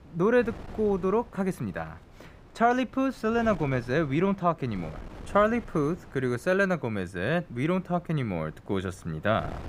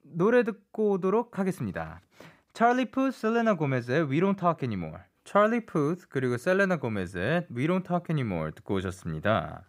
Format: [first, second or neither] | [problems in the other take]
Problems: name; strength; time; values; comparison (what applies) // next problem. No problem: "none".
second | wind noise on the microphone; occasional gusts; 25 dB below the speech